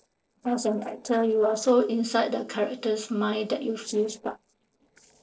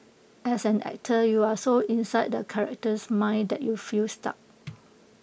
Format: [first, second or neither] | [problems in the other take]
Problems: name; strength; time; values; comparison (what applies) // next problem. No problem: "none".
second | noise reduction (neural separator model SepFormer DNS4)